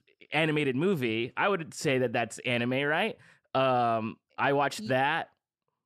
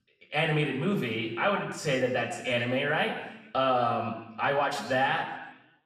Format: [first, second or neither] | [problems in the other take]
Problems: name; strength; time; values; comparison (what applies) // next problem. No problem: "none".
first | room echo; noticeable; dies away in 0.9 s // off-mic speech; somewhat distant